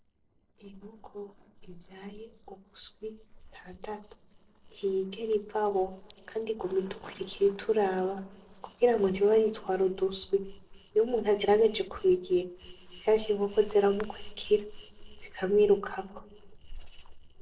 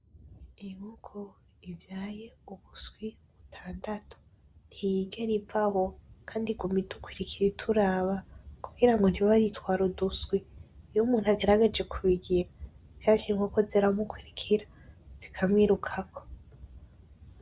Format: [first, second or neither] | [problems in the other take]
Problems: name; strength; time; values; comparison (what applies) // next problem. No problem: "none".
second | noise reduction (neural separator model SepFormer DNS4)